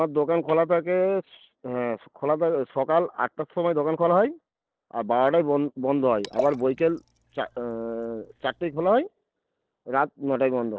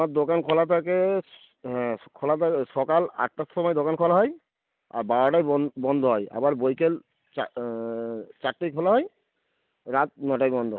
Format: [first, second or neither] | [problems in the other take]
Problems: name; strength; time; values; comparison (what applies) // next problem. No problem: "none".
second | noise reduction (neural separator model SepFormer DNS4)